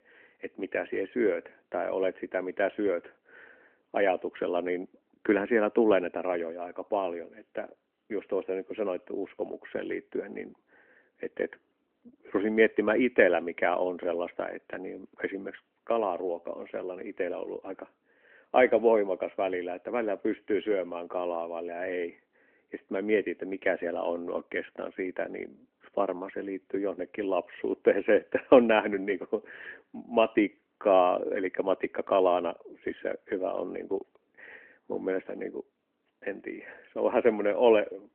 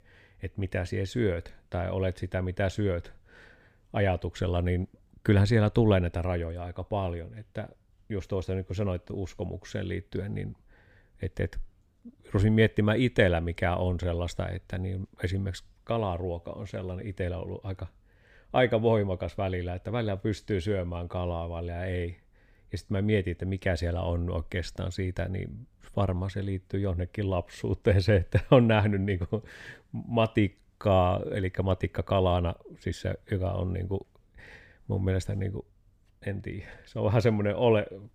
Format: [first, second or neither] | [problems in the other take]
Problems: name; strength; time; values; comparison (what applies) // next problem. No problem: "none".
second | phone-call audio; nothing above 3 kHz